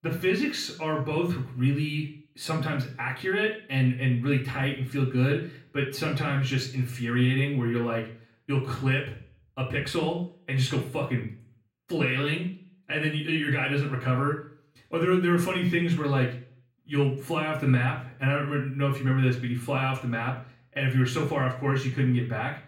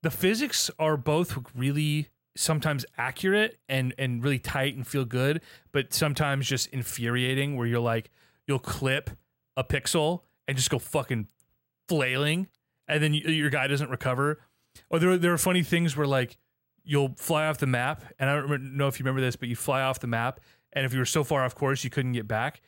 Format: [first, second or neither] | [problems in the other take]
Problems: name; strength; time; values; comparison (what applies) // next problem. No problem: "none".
second | room echo; slight; dies away in 0.5 s // off-mic speech; far